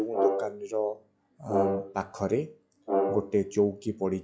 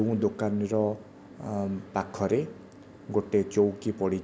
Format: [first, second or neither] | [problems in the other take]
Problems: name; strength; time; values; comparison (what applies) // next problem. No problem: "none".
second | noise reduction (classical method log-MMSE)